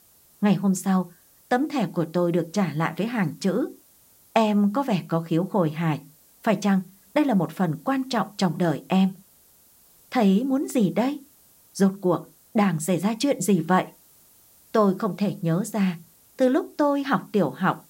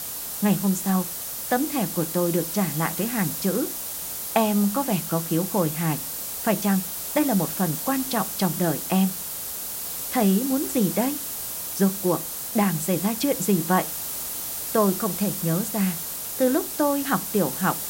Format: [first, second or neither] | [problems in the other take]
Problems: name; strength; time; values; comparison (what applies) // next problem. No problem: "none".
first | hiss; loud; throughout; 4 dB below the speech; faint in the first